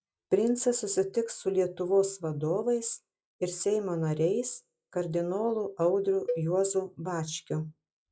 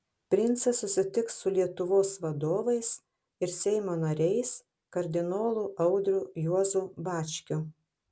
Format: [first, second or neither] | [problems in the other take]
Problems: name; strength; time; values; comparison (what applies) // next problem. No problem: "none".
second | noise reduction (classical method log-MMSE)